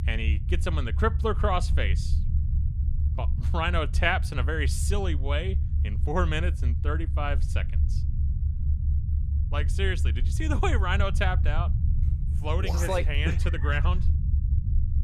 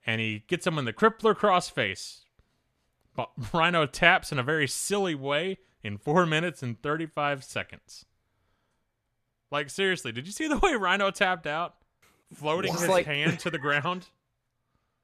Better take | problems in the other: second | low rumble; noticeable; throughout; 15 dB below the speech

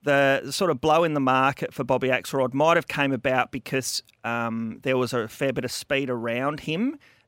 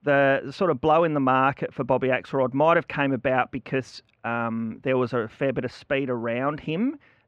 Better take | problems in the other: first | muffled; slightly; fading above 2 kHz

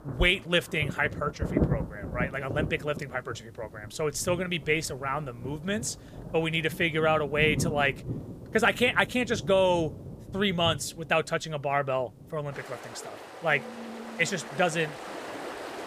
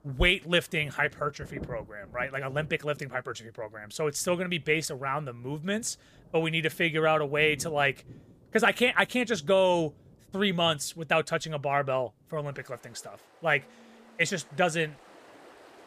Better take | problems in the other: second | rain or running water; loud; throughout; 10 dB below the speech; faint in the second

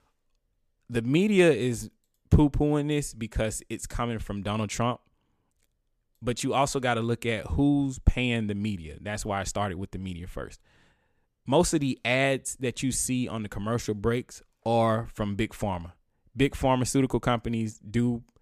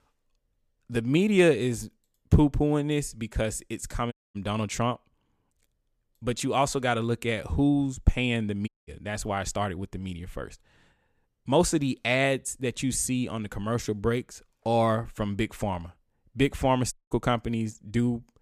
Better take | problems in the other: first | audio cutting out; at 4 s, at 8.5 s and at 17 s

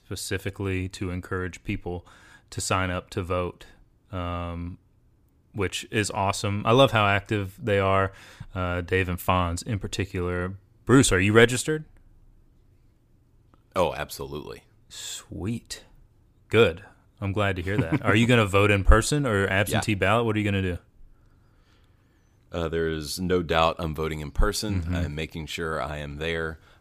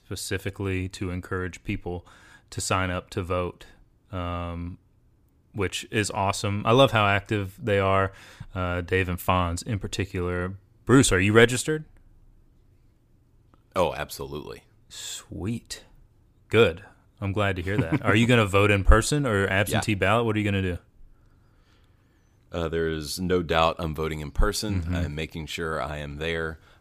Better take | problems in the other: neither | none

